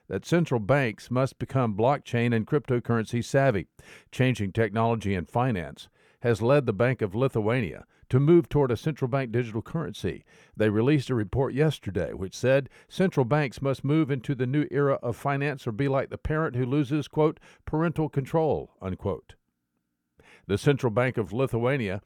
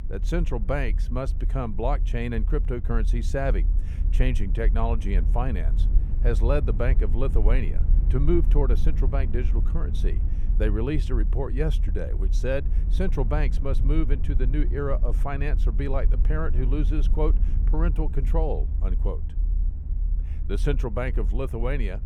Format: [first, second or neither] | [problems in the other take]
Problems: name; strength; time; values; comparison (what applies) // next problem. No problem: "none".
first | low rumble; noticeable; throughout; 15 dB below the speech